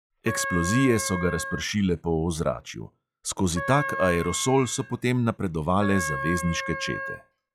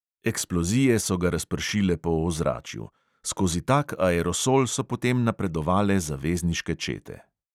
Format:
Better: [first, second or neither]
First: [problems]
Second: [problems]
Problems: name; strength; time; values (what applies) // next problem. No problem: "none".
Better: second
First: noise reduction (classical method log-MMSE)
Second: none